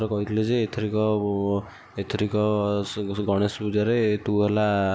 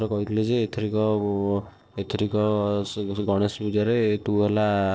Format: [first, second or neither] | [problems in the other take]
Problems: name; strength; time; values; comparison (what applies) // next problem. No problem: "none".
first | noise reduction (neural separator model SepFormer DNS4)